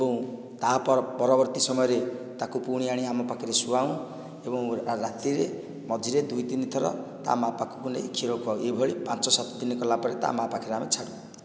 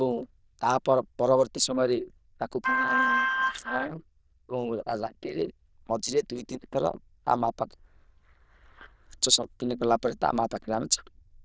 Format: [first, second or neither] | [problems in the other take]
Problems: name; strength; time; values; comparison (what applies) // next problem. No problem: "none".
first | noise reduction (neural diffusion model UNIVERSE++)